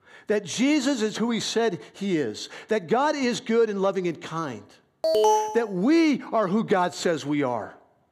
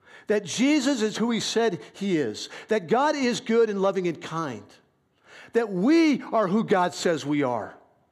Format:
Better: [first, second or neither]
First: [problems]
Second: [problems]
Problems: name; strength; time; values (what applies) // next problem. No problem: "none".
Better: second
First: alarm; loud; at 5 s; peak 4 dB above the speech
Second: none